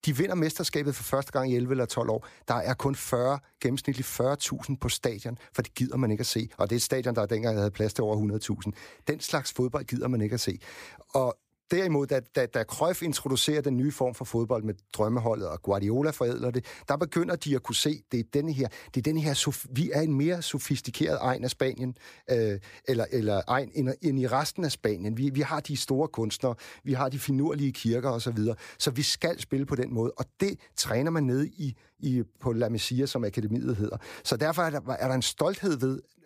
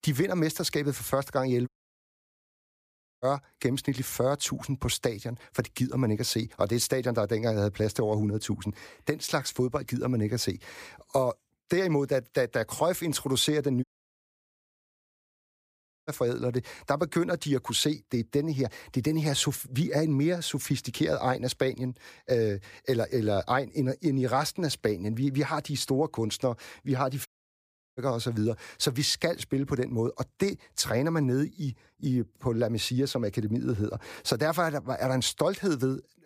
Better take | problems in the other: first | audio cutting out; at 1.5 s for 1.5 s, at 14 s for 2 s and at 27 s for 0.5 s

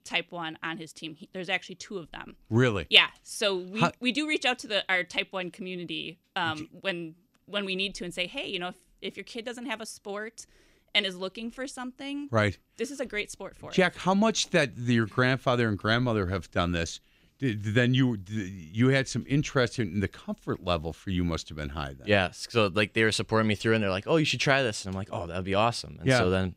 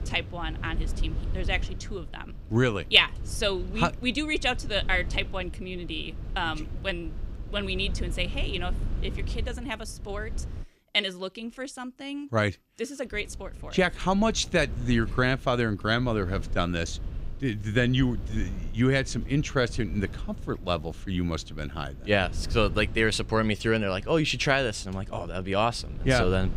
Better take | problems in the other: first | low rumble; faint; until 11 s and from 13 s on; 20 dB below the speech

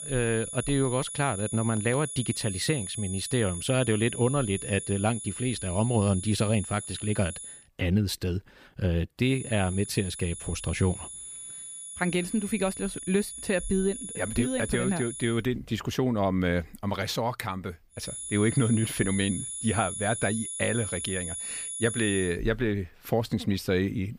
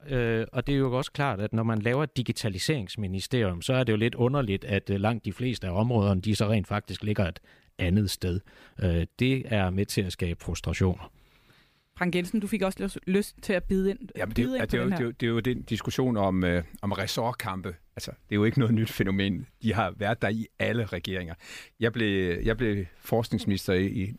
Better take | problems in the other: second | high-pitched whine; loud; until 7.5 s, from 9.5 to 15 s and from 18 to 22 s; 10 kHz, 7 dB below the speech

